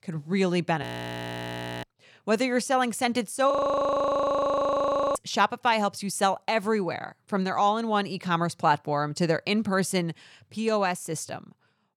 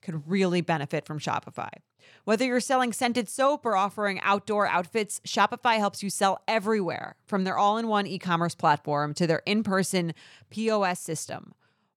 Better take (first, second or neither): second